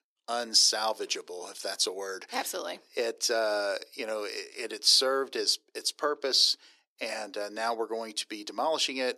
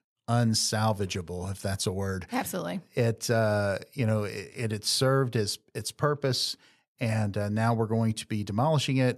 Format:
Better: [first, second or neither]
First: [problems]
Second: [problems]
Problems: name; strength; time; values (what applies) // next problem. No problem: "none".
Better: second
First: thin; very; fading below 300 Hz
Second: none